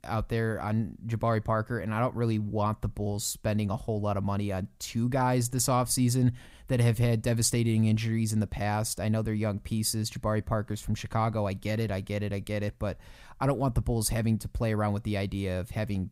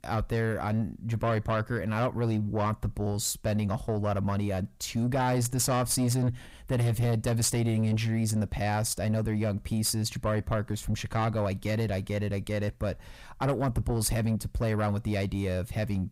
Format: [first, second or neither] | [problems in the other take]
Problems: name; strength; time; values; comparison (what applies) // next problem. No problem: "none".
first | distortion; slight; 10 dB below the speech